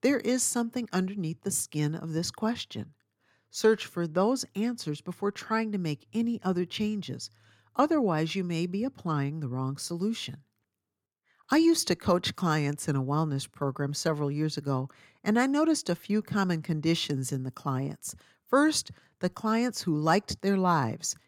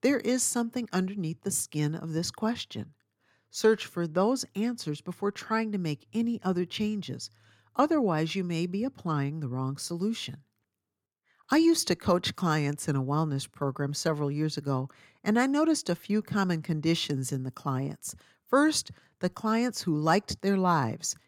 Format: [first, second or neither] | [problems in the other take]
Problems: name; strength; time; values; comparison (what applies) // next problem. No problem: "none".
neither | none